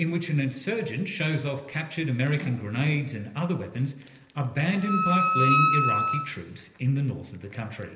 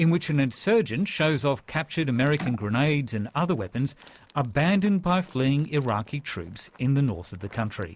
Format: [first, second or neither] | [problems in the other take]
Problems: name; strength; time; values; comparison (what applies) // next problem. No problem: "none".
second | background sound (Wind instrument, woodwind instrument); 2 dB above the speech // room echo; dies away in 1.4 s